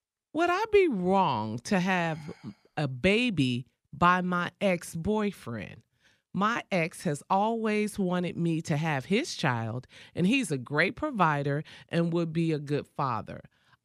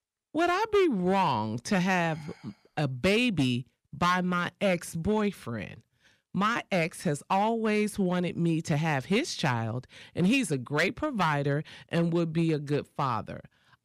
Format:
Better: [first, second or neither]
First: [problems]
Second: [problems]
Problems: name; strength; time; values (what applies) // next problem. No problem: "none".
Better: first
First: none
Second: distortion; slight; 4% of the sound clipped